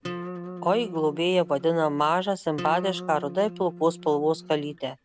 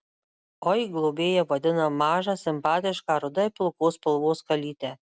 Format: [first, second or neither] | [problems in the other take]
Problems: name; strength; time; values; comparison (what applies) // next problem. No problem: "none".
second | background sound (Acoustic guitar); 13 dB below the speech